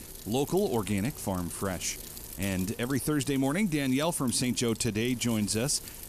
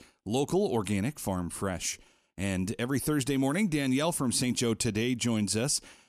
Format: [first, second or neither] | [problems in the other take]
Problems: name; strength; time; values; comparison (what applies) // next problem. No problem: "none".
second | wind noise on the microphone; occasional gusts; 15 dB below the speech